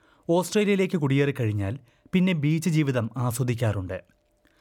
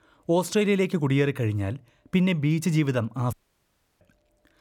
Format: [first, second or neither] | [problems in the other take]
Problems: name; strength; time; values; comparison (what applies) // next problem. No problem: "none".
first | audio cutting out; at 3.5 s for 0.5 s